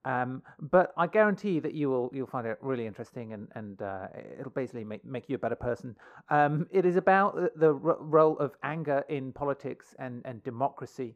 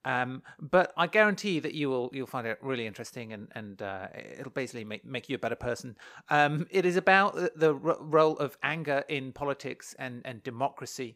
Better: second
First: muffled; very; fading above 1.5 kHz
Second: none

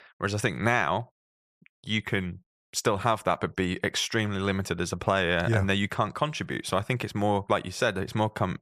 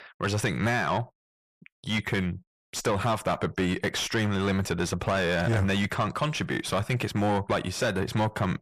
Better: first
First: none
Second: distortion; heavy; 7 dB below the speech

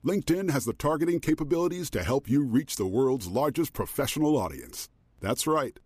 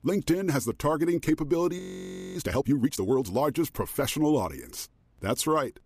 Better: first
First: none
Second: audio freezing; at 2 s for 0.5 s

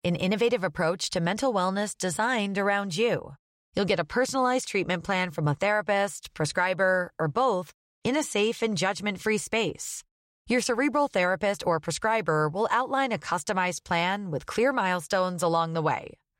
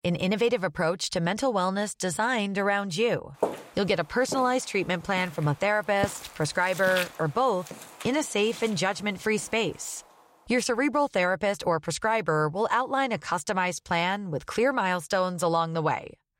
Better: first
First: none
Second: footsteps; noticeable; from 3.5 to 8 s; peak 5 dB below the speech

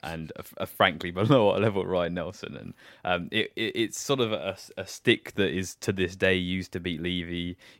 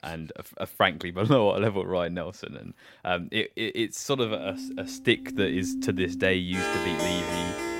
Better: first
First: none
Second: background music; loud; from 5 s on; 5 dB below the speech

